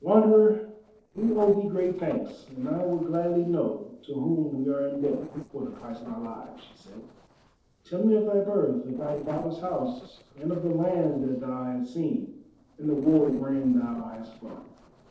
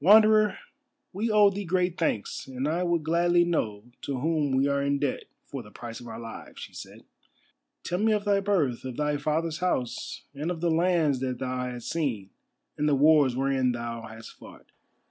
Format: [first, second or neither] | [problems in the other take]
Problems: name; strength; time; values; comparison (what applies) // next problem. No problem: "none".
second | noise reduction (neural separator model SepFormer DNS4)